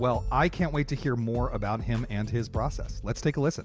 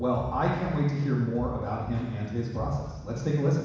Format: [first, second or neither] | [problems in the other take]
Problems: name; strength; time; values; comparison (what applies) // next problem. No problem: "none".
first | room echo; dies away in 1.1 s